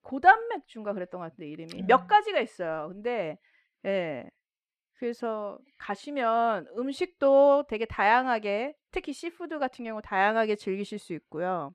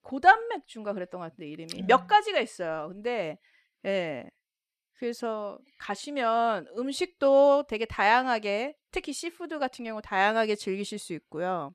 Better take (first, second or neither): second